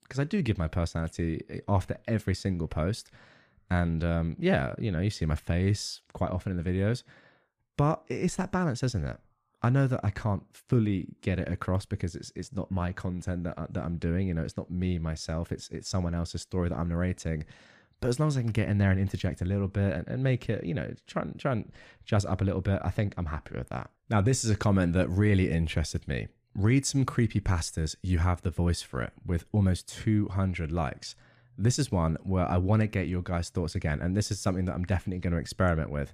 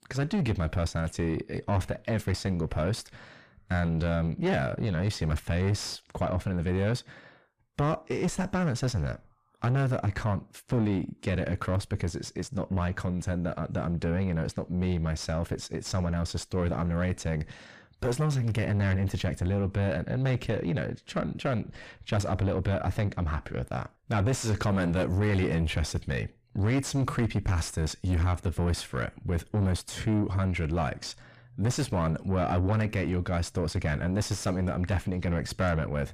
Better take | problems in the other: first | distortion; heavy; 6 dB below the speech

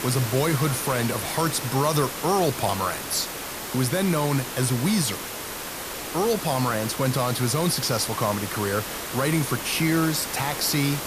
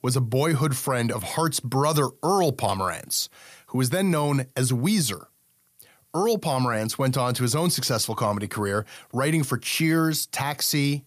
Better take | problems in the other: second | hiss; loud; throughout; 6 dB below the speech

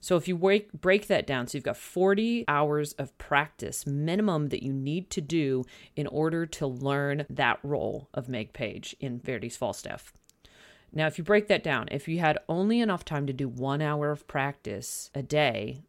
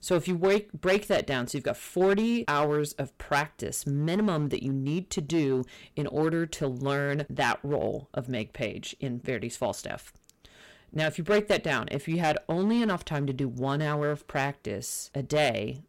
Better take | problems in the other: first | distortion; slight; 5% of the sound clipped

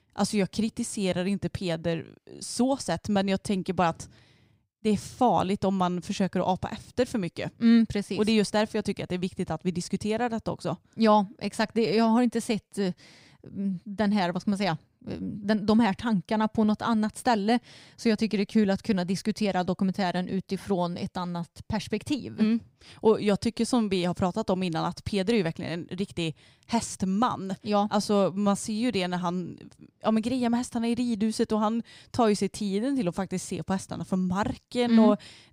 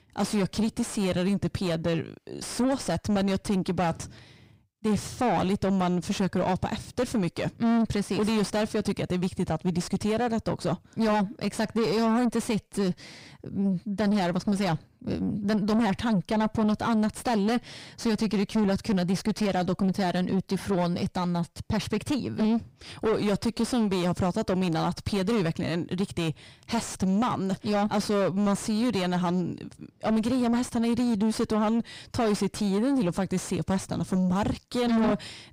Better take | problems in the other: first | distortion; heavy; 7 dB below the speech

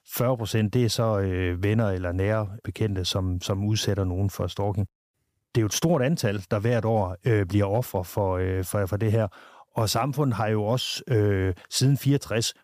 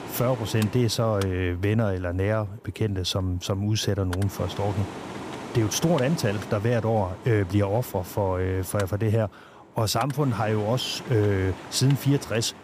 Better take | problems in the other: first | machinery noise; noticeable; throughout; 15 dB below the speech

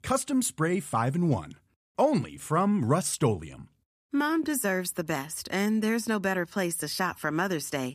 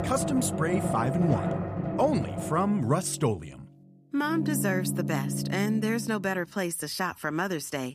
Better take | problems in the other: first | background music; loud; until 6 s; 3 dB below the speech

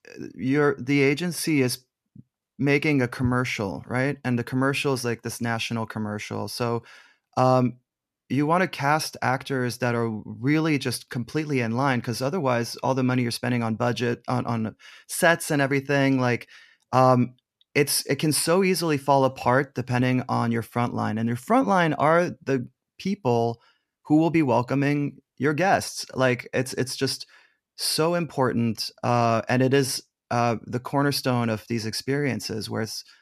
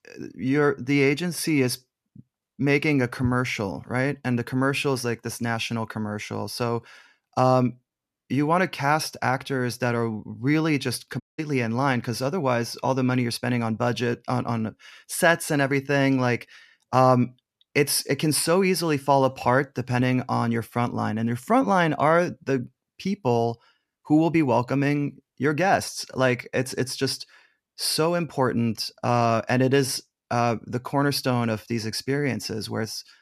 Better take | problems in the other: first | audio cutting out; at 11 s

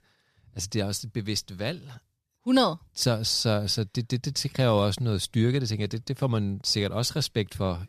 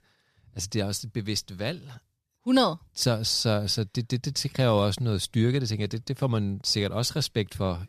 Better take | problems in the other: neither | none

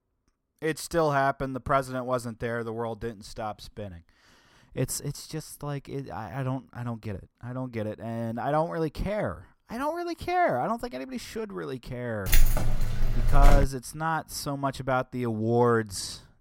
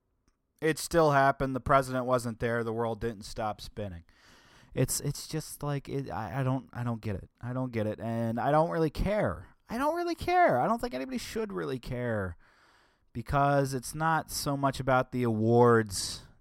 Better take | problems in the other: second | jangling keys; loud; from 12 to 14 s; peak 6 dB above the speech

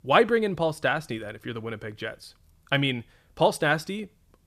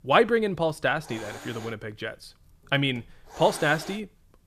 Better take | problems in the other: first | hiss; noticeable; throughout; 15 dB below the speech

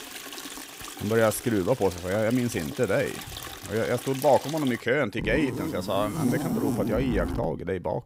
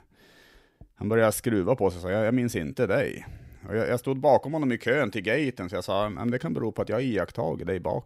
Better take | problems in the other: second | household noises; loud; throughout; 8 dB below the speech

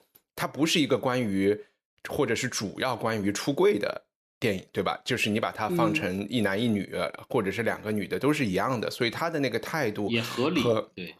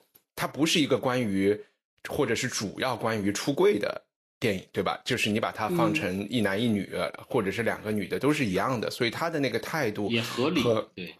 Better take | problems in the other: first | garbled, watery; slightly; nothing above 12.5 kHz

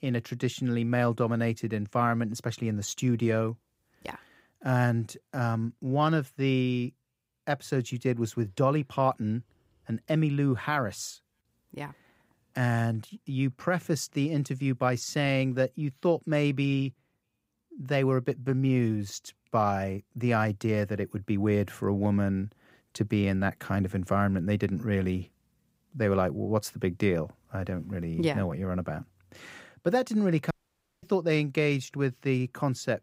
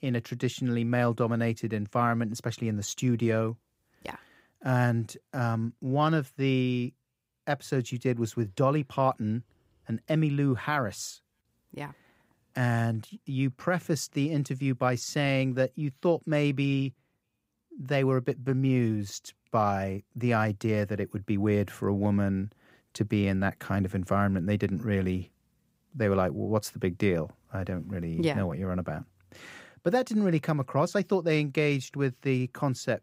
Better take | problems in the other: second | audio cutting out; at 31 s for 0.5 s

